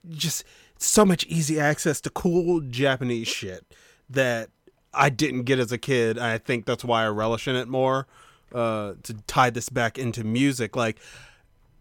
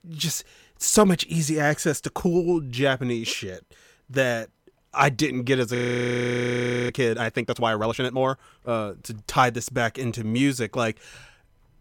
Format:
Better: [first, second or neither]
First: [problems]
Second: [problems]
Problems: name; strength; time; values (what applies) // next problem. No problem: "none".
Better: first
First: none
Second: audio freezing; at 6 s for 1 s